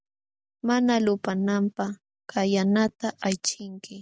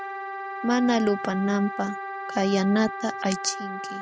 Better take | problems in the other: first | background sound (Wind instrument, woodwind instrument); 8 dB below the speech

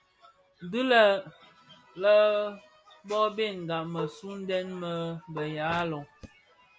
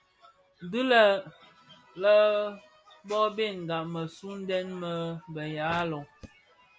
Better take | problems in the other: second | background sound (Marimba, xylophone); 14 dB below the speech

